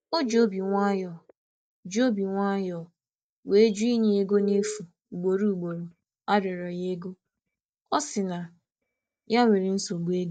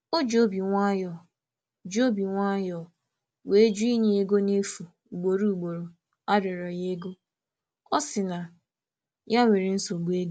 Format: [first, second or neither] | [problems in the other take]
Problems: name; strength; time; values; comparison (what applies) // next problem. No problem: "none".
second | noise reduction (neural mask model DeepFilterNet 3)